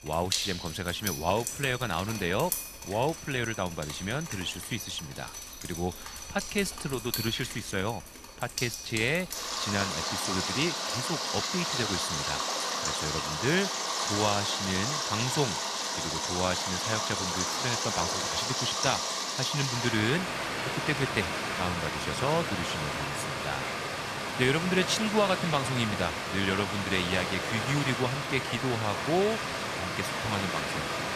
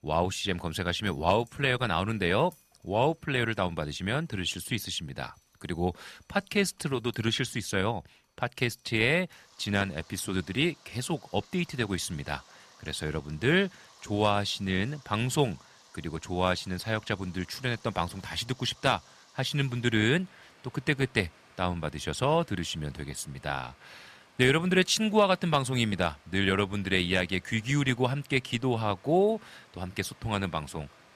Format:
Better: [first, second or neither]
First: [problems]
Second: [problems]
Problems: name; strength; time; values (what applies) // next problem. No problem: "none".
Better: second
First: rain or running water; loud; throughout; as loud as the speech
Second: rain or running water; faint; throughout; 30 dB below the speech